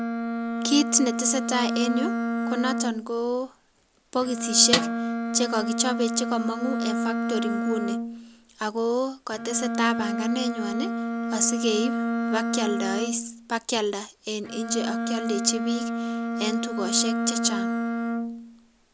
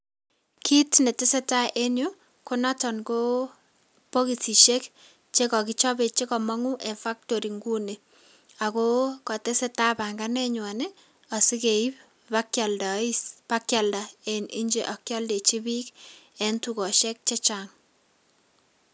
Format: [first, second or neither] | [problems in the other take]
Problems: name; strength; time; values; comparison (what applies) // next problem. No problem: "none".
second | background sound (Bowed string instrument + Snare drum); 1 dB below the speech